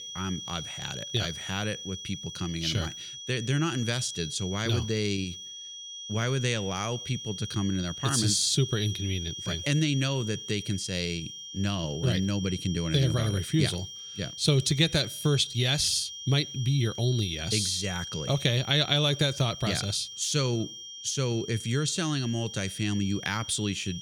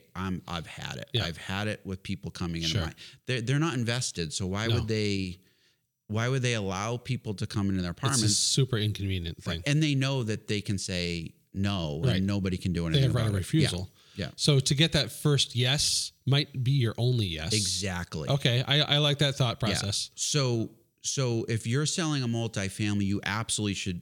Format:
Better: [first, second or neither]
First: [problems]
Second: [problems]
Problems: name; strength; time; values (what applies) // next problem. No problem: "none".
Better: second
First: high-pitched whine; loud; throughout; 3 kHz, 10 dB below the speech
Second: none